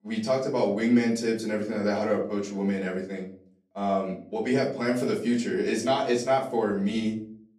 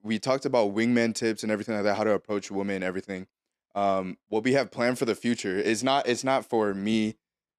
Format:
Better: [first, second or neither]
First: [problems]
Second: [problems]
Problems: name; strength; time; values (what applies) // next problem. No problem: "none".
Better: second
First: off-mic speech; far // room echo; slight; dies away in 0.4 s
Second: none